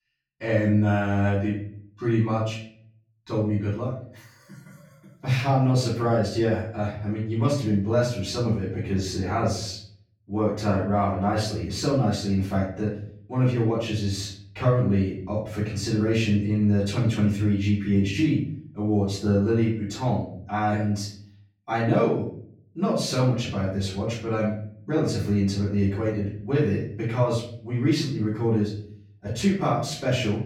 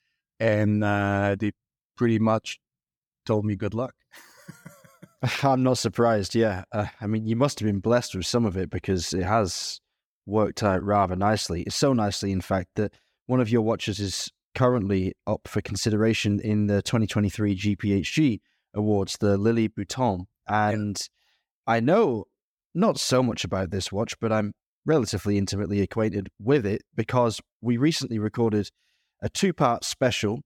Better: second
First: off-mic speech; far // room echo; noticeable; dies away in 0.6 s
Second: none

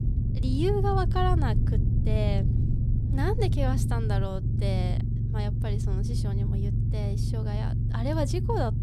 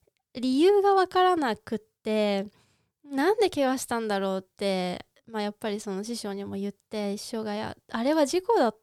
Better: second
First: low rumble; loud; throughout; 6 dB below the speech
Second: none

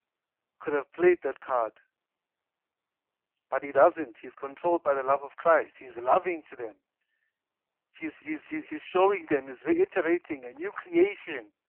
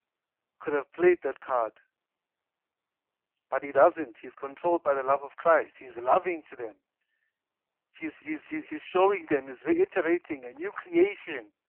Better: neither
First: phone-call audio; poor line; nothing above 3 kHz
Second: phone-call audio; poor line; nothing above 3 kHz

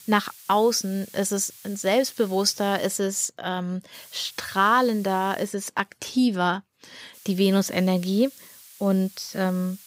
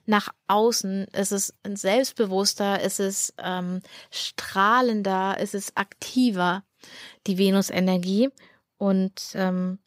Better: second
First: hiss; faint; until 3 s, from 4 to 5.5 s and from 7 s on; 20 dB below the speech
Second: none

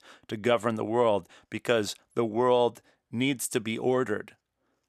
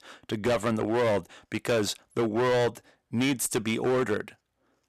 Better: first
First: none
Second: distortion; heavy; 13% of the sound clipped

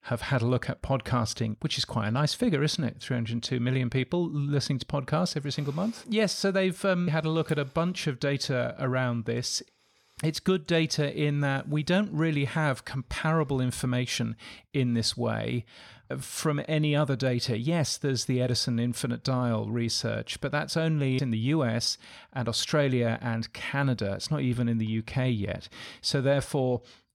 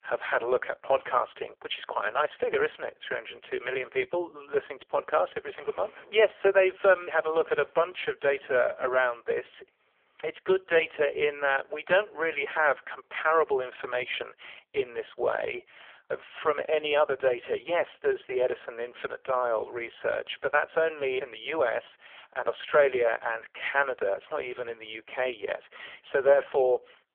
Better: first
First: none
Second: phone-call audio; poor line; nothing above 3.5 kHz

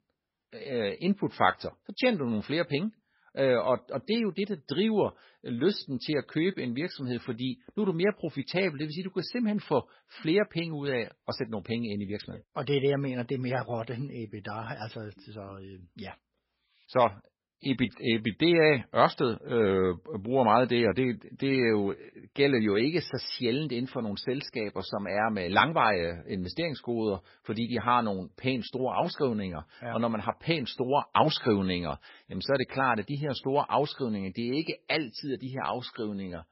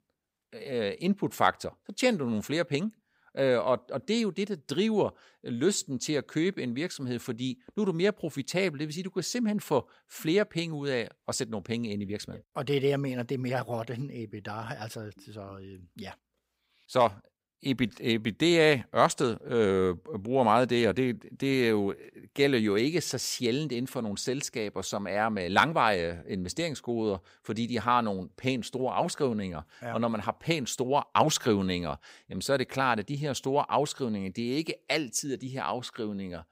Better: second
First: garbled, watery; badly; nothing above 5.5 kHz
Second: none

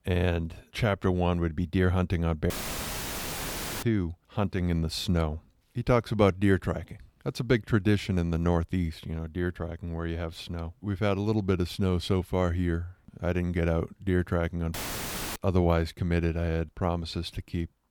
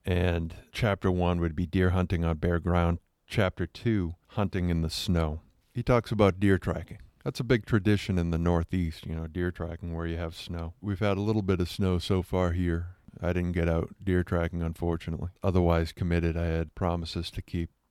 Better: second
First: audio cutting out; filled with static; at 2.5 s for 1.5 s and at 15 s for 0.5 s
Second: none

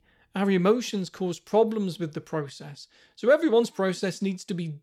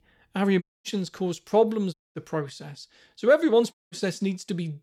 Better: first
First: none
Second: audio cutting out; at 0.5 s, at 2 s and at 3.5 s

